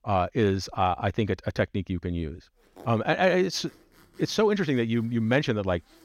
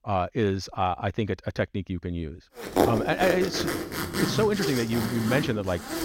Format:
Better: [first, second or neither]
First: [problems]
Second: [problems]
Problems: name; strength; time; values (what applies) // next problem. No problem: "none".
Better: first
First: household noises; faint; from 2.5 s on; 30 dB below the speech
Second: household noises; loud; from 2.5 s on; 2 dB below the speech